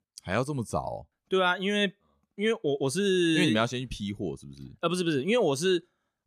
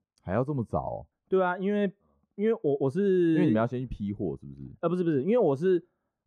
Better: first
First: none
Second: muffled; very; fading above 2 kHz

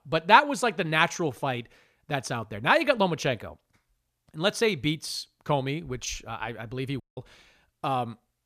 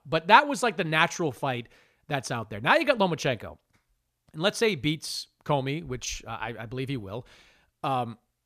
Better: second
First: audio cutting out; at 7 s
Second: none

